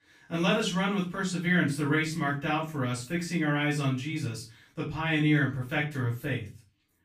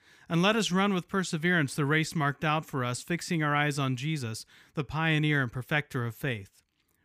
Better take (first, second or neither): second